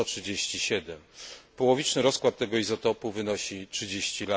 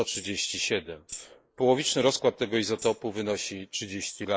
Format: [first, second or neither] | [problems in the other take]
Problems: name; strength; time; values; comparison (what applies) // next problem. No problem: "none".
first | noise reduction (neural mask model Resemble Enhance denoiser)